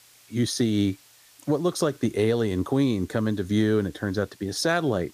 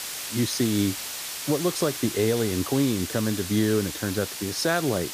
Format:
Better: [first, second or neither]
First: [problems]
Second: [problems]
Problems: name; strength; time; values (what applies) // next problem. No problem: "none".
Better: first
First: hiss; faint; throughout; 30 dB below the speech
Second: hiss; loud; throughout; 6 dB below the speech